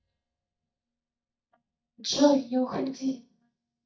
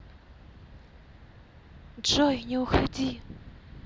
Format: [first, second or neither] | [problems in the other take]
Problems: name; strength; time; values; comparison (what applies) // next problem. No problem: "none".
second | noise reduction (neural mask model DeepFilterNet 3)